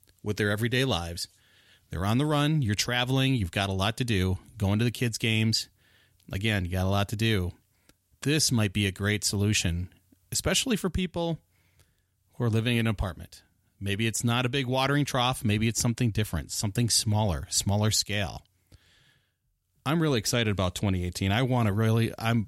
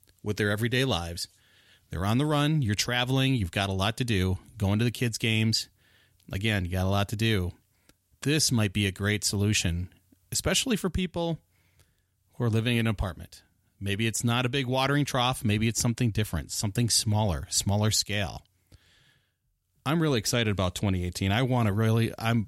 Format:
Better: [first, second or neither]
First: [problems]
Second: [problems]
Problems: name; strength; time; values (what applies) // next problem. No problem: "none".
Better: neither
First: none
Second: none